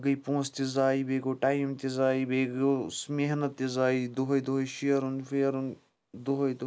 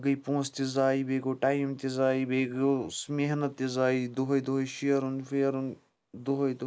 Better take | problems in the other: first | noise reduction (neural mask model Resemble Enhance denoiser)

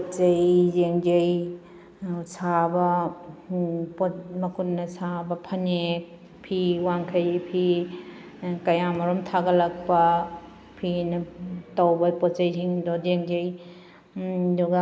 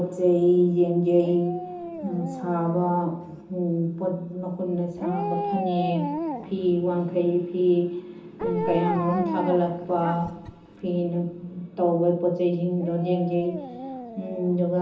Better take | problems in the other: first | background sound (Dog); 10 dB below the speech // room echo; dies away in 0.6 s

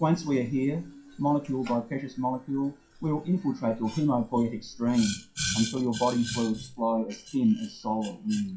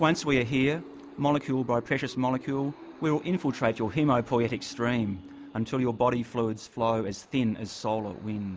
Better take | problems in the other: second | noise reduction (classical method WPE with log-MMSE)

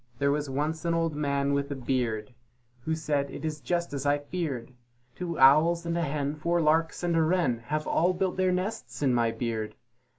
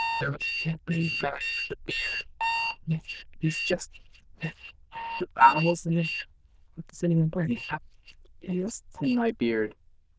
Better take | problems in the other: first | noise reduction (neural diffusion model UNIVERSE++)

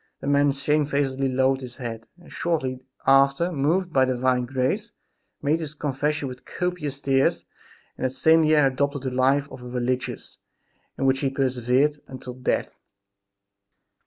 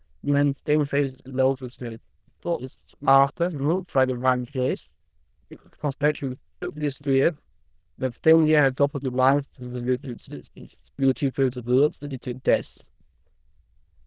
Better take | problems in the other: first | noise reduction (neural diffusion model UNIVERSE++)

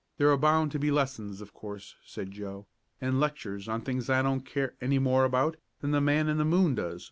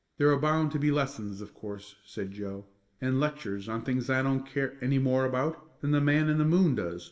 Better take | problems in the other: first | room echo; dies away in 0.7 s

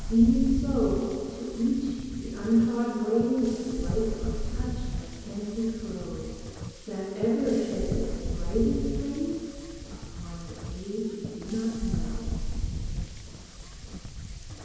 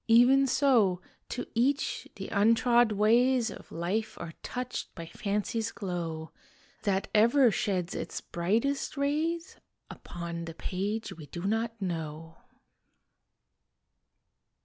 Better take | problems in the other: second | background sound (Wind); 5 dB below the speech // room echo; dies away in 2.2 s

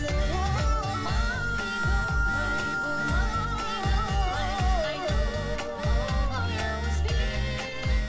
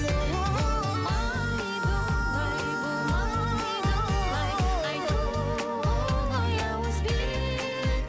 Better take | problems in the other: second | background sound (Telephone); 11 dB below the speech // room echo; dies away in 0.7 s

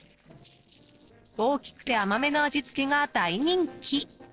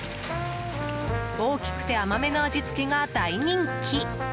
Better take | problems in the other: second | noise reduction (neural separator model SepFormer DNS4)

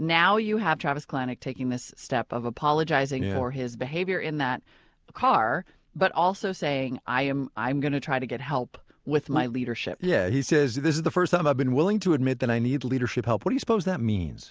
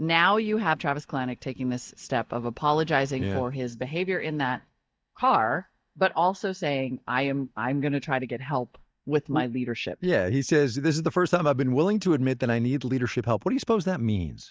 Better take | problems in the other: first | noise reduction (neural mask model DeepFilterNet 3)

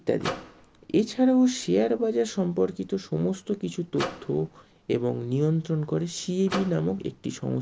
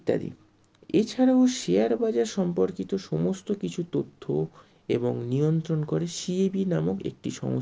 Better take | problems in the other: second | background sound (Microwave oven); 11 dB below the speech

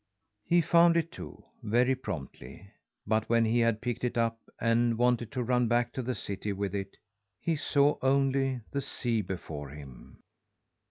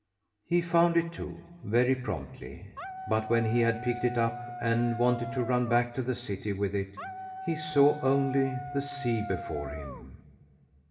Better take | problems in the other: first | background sound (Dog); 10 dB below the speech // room echo; dies away in 1.6 s

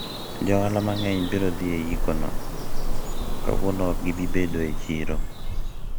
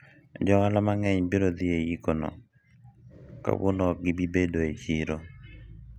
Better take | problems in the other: second | background sound (Bird vocalization, bird call, bird song); 3 dB above the speech

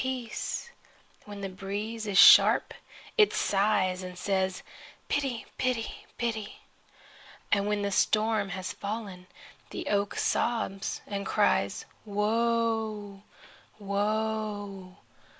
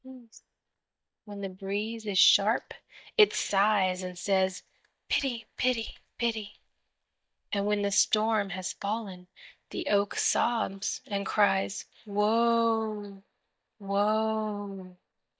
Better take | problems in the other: first | noise reduction (neural mask model DeepFilterNet 3)

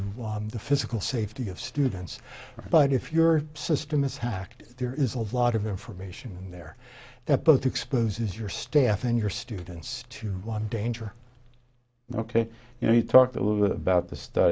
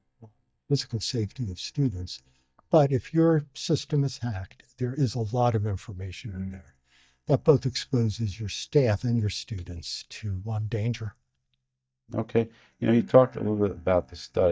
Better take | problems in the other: first | noise reduction (neural mask model DeepFilterNet 3)

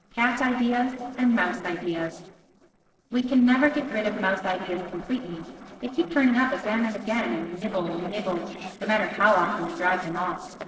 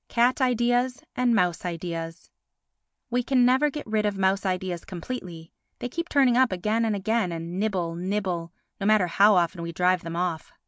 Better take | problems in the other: second | noise reduction (neural separator model SepFormer DNS4)

